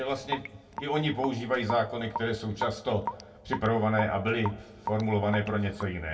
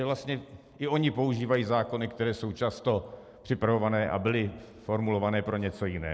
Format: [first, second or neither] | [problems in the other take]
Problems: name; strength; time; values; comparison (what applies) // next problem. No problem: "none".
second | background sound (Raindrop / Drip); 11 dB below the speech // room echo; dies away in 0.2 s